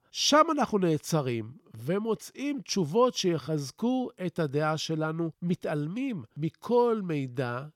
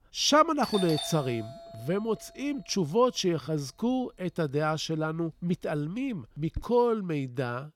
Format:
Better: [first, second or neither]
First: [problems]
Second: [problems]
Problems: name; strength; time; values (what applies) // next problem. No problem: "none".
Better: first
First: none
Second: doorbell; noticeable; from 0.5 to 6.5 s; peak 5 dB below the speech